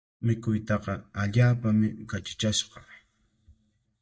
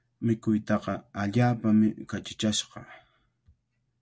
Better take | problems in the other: second | noise reduction (neural mask model DeepFilterNet 3)

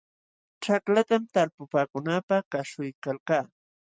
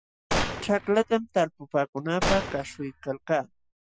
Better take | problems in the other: first | noise reduction (classical method Wiener filter)

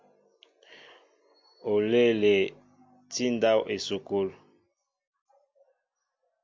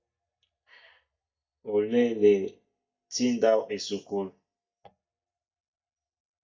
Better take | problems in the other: first | noise reduction (neural mask model DeepFilterNet 3)

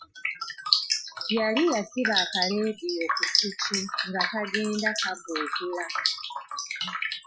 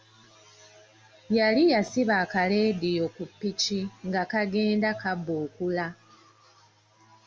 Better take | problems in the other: second | noise reduction (classical method Wiener filter)

